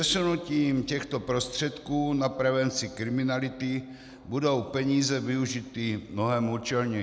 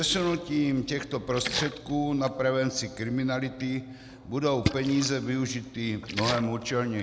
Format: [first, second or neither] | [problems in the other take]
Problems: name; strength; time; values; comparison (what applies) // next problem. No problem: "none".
first | background sound (Splash, splatter); 10 dB below the speech